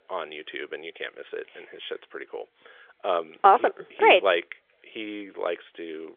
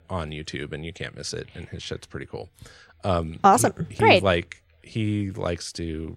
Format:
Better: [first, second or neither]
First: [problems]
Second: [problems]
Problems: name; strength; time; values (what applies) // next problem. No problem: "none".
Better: second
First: phone-call audio; nothing above 3.5 kHz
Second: none